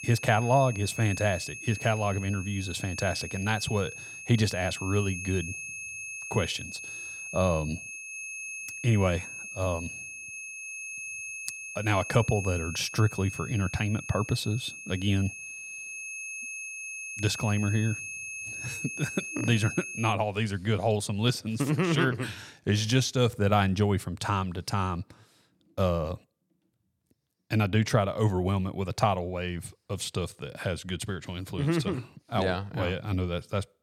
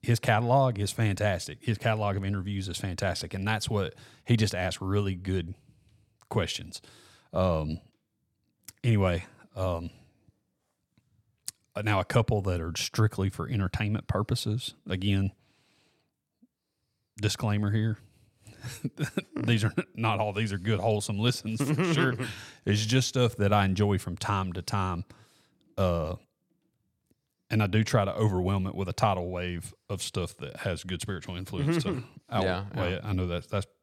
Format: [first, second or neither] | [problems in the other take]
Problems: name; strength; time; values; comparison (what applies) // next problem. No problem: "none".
second | high-pitched whine; loud; until 20 s; 2.5 kHz, 8 dB below the speech